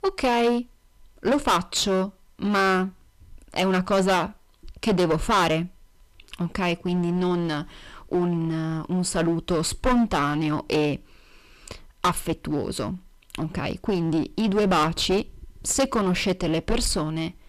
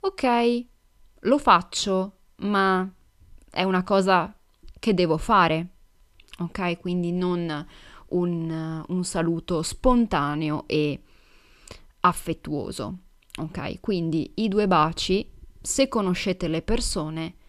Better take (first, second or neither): second